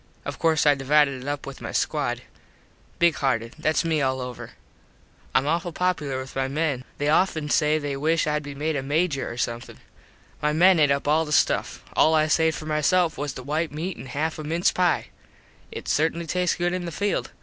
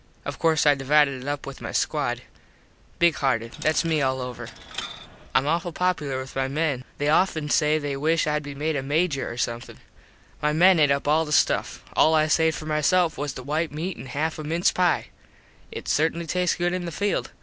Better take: first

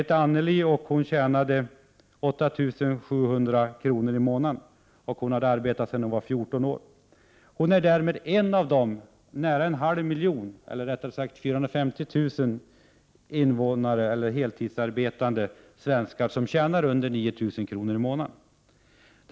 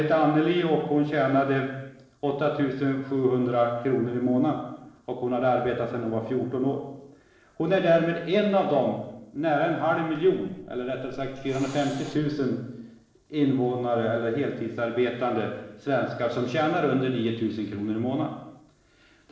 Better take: first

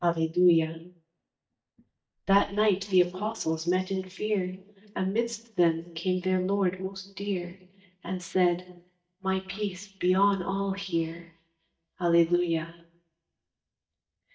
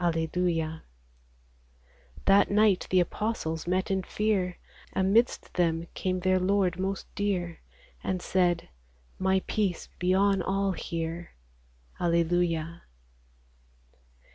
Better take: second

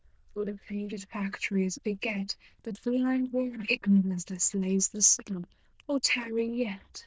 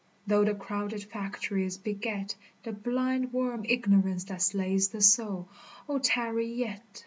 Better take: second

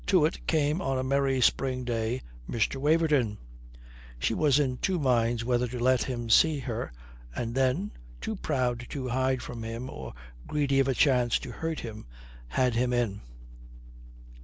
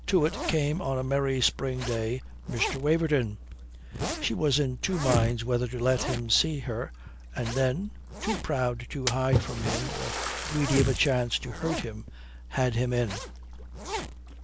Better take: first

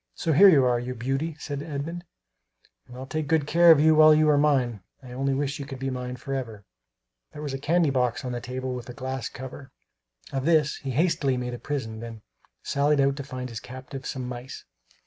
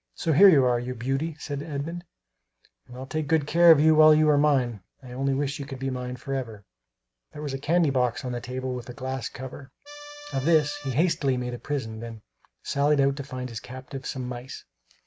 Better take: first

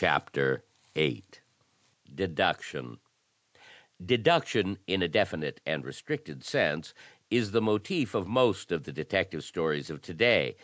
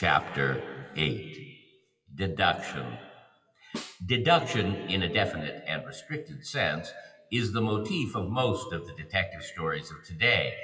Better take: first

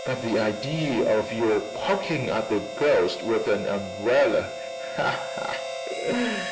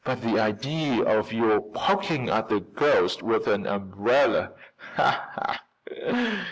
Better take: second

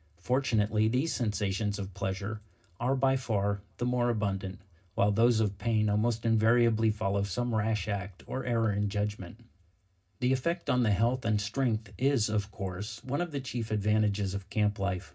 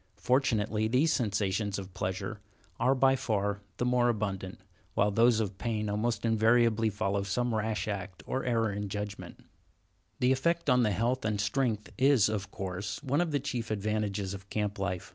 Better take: second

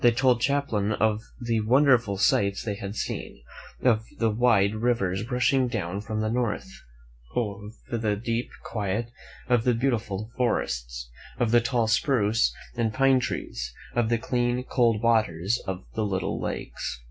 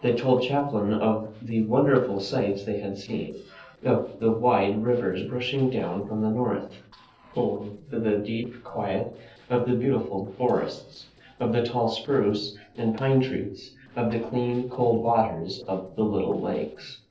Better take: first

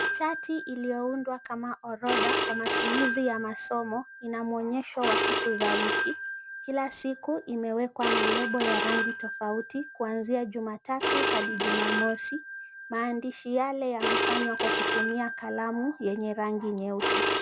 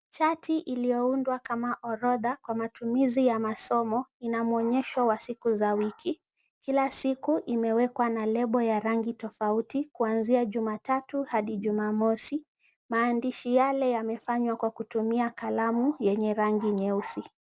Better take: second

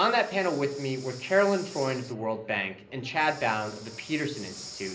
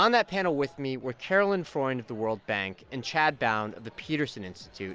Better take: second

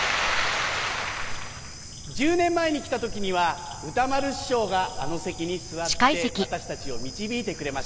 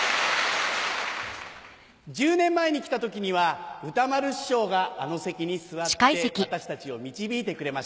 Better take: second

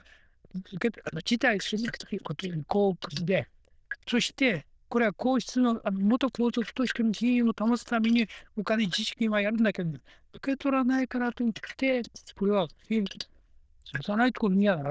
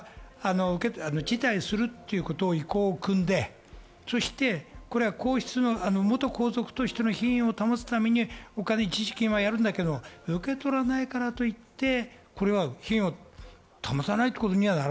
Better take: second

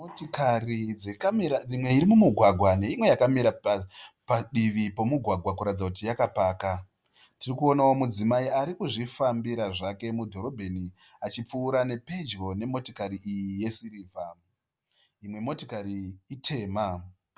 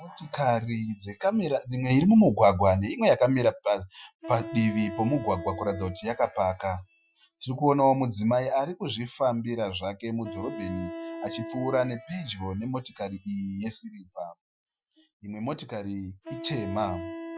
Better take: first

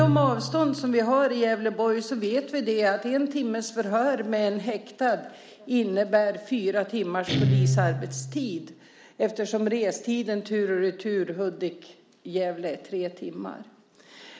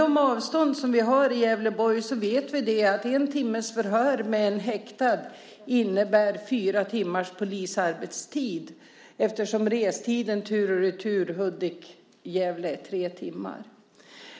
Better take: second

